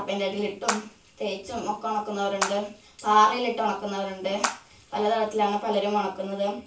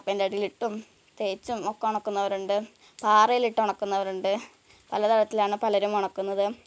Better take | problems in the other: second | background sound (Water / Splash, splatter); 10 dB below the speech // room echo; dies away in 0.3 s

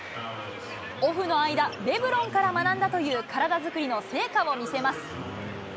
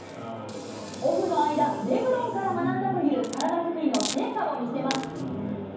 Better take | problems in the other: first | background sound (Hiss); 15 dB below the speech // room echo; dies away in 0.9 s

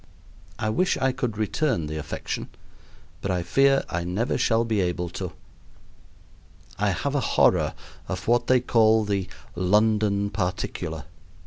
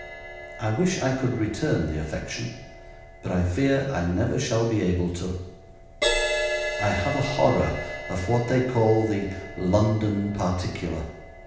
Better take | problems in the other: first | background sound (Crash cymbal); 8 dB below the speech // room echo; dies away in 0.9 s

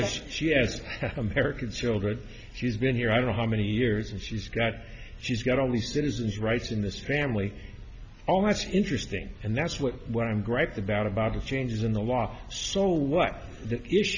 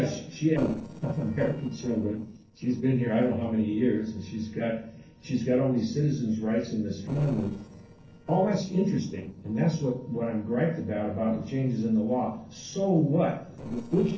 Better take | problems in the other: first | noise reduction (neural separator model SepFormer DNS4)

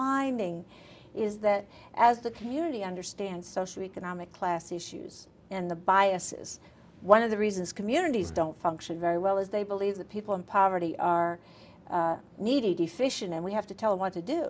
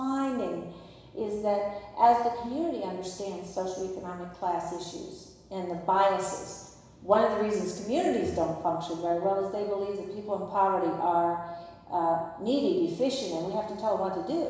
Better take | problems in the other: first | room echo; dies away in 1 s

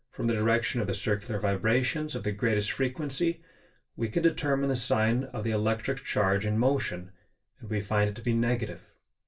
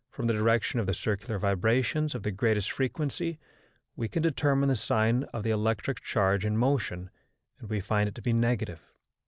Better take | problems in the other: second | room echo; dies away in 0.2 s

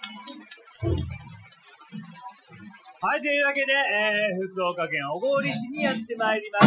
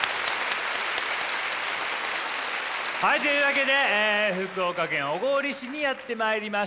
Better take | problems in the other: second | noise reduction (classical method Wiener filter)

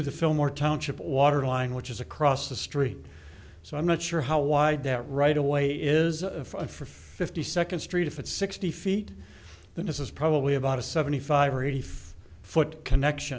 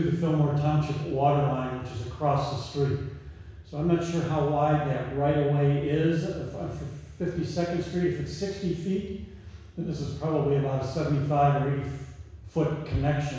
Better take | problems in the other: first | room echo; dies away in 1.1 s

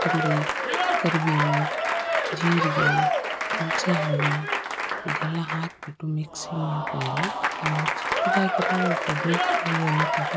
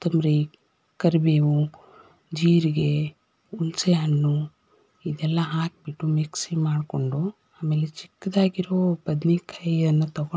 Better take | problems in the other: second | background sound (Applause / Crowd); 2 dB above the speech

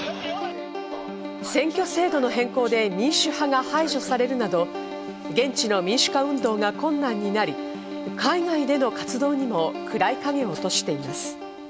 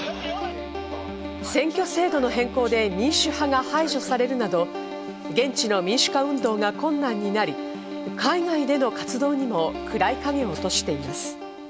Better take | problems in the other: first | background sound (Musical instrument); 17 dB below the speech

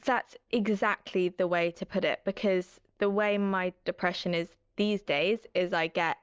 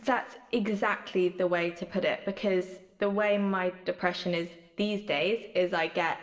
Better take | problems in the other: first | room echo; dies away in 0.9 s

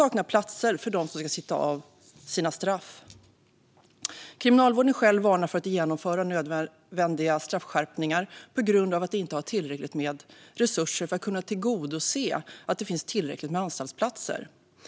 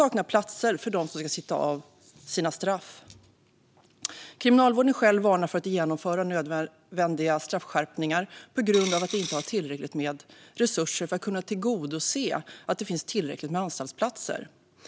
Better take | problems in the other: first | background sound (Coin (dropping)); 8 dB below the speech

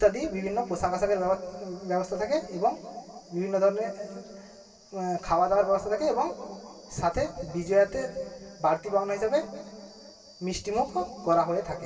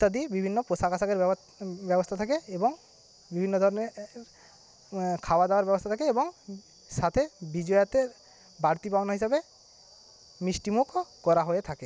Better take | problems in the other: second | room echo; dies away in 2.3 s

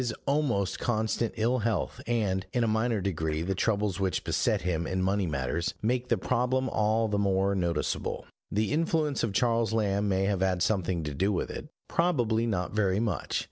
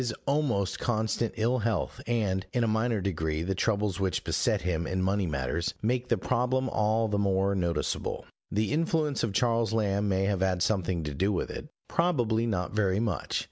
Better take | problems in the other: second | noise reduction (neural separator model SepFormer DNS4)

